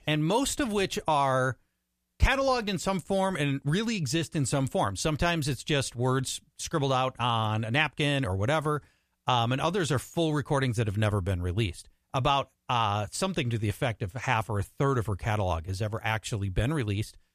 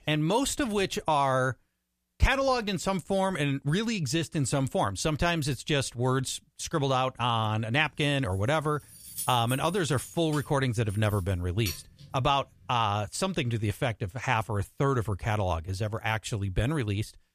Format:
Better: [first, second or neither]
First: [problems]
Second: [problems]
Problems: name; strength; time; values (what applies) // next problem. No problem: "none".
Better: first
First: none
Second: jangling keys; noticeable; from 8.5 to 12 s; peak 7 dB below the speech